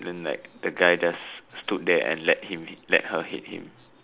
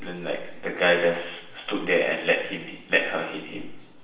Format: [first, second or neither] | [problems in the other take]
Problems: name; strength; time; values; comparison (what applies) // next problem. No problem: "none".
first | room echo; dies away in 0.8 s